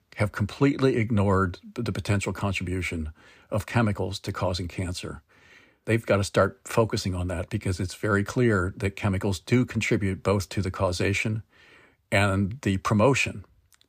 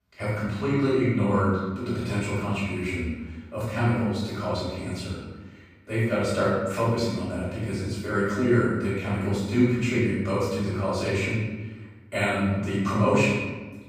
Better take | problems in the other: first | off-mic speech; far // room echo; strong; dies away in 1.1 s

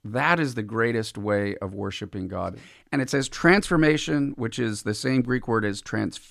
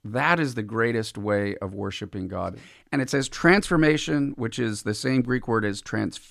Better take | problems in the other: neither | none

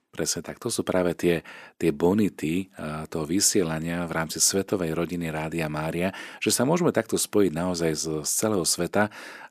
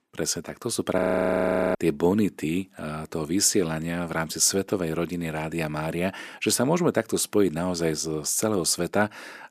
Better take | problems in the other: first | audio freezing; at 1 s for 1 s

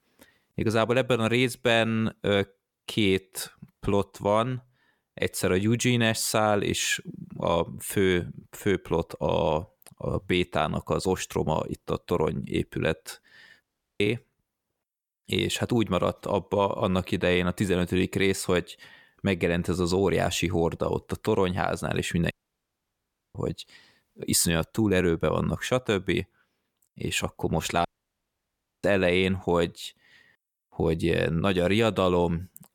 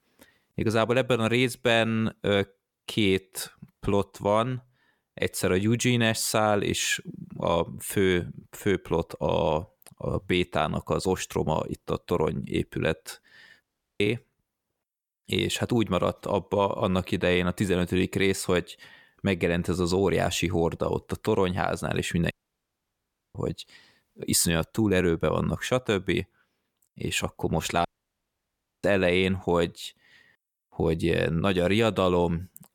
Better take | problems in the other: neither | audio cutting out; at 14 s, at 22 s for 1 s and at 28 s for 1 s; the same in both

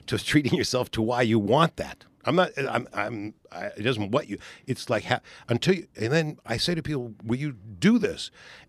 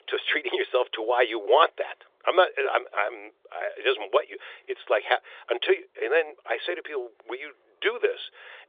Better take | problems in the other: first | phone-call audio

